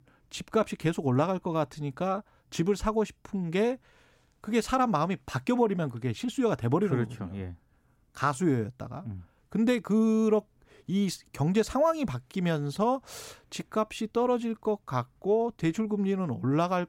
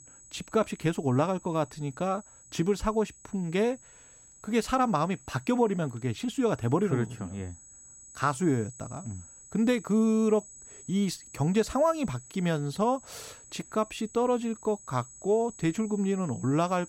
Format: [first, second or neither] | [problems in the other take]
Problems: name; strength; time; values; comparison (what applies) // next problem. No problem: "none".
first | high-pitched whine; noticeable; throughout; 8 kHz, 20 dB below the speech